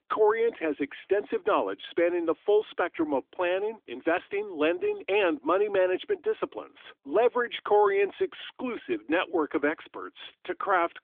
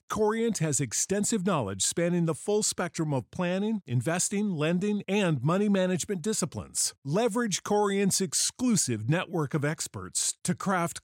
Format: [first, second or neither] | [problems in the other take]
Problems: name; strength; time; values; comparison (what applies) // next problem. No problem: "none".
second | phone-call audio; nothing above 3.5 kHz